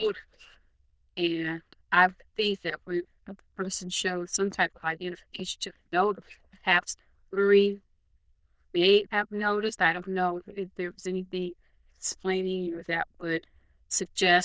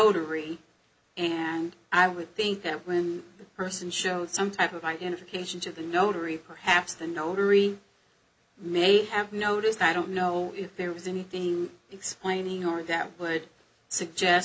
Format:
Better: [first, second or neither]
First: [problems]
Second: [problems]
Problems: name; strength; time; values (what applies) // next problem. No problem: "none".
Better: second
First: noise reduction (neural diffusion model UNIVERSE++)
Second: none